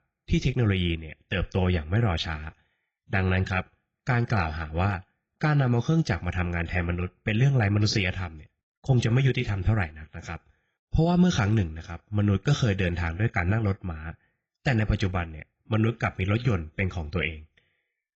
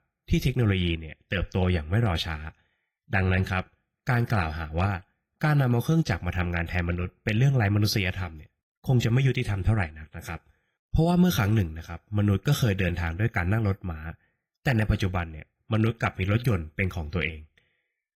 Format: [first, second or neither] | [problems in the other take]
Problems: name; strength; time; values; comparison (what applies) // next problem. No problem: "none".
second | garbled, watery; badly; nothing above 6.5 kHz; slightly in the second